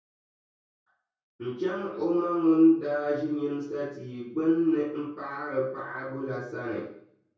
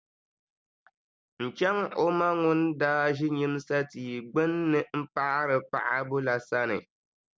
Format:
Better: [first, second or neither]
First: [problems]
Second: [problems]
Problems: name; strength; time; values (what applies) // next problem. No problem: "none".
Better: second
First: room echo; dies away in 0.6 s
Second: none